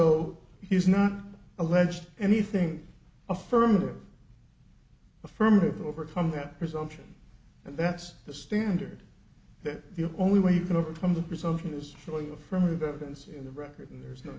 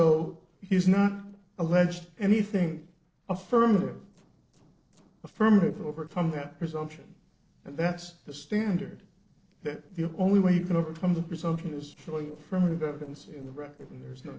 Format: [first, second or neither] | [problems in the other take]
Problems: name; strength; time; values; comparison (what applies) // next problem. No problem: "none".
first | noise reduction (neural separator model SepFormer DNS4)